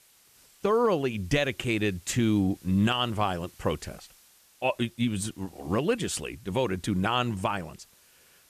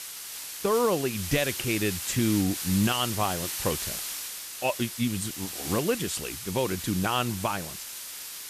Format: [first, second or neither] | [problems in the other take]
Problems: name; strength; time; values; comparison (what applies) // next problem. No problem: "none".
first | hiss; loud; throughout; 5 dB below the speech; faint in the first